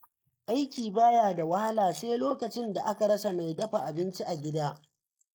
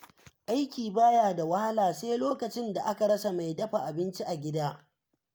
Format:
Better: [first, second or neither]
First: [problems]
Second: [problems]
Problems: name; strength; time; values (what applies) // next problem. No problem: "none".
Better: second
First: noise reduction (neural mask model Resemble Enhance denoiser)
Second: none